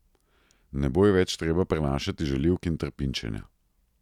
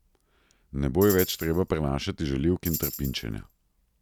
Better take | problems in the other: first | background sound (Tambourine); 11 dB below the speech

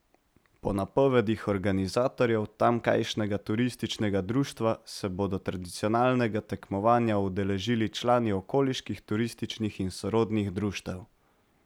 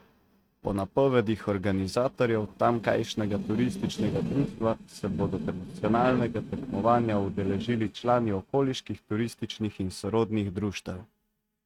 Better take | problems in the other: first | noise reduction (neural mask model RNNoise)

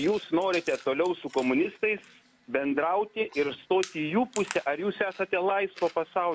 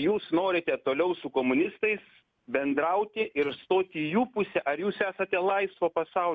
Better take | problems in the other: second | background sound (Chewing, mastication); 20 dB below the speech

